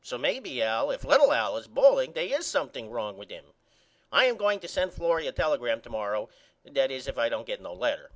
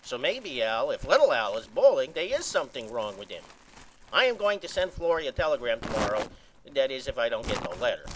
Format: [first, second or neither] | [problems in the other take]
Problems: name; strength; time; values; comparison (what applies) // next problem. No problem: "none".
first | background sound (Crumpling, crinkling); 14 dB below the speech